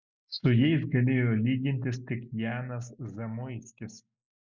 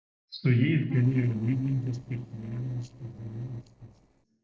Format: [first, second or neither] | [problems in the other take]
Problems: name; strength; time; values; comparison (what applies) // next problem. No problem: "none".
first | noise reduction (neural separator model SepFormer DNS4)